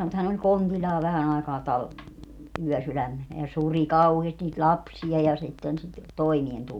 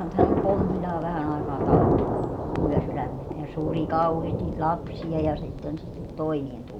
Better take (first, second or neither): first